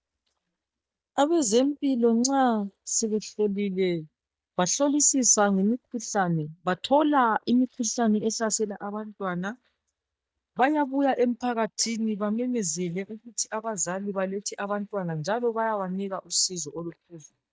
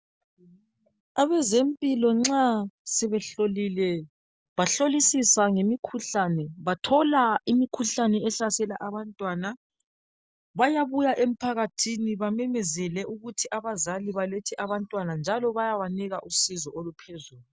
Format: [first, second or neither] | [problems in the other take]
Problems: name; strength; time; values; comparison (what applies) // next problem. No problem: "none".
second | noise reduction (neural mask model DeepFilterNet 3)